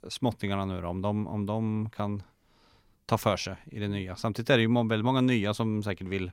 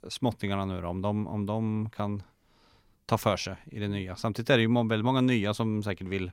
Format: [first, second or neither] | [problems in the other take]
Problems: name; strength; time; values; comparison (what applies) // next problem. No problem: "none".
neither | none